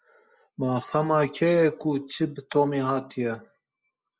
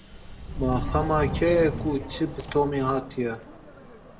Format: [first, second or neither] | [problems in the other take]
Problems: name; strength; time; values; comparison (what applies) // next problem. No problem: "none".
first | background sound (Subway, metro, underground); 7 dB below the speech // room echo; dies away in 1 s